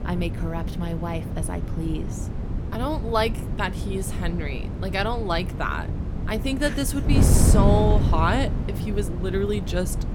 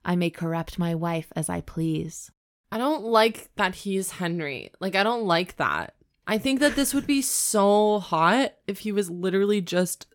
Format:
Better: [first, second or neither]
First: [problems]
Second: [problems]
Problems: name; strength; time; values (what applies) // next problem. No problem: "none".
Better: second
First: wind noise on the microphone; heavy; 8 dB below the speech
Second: none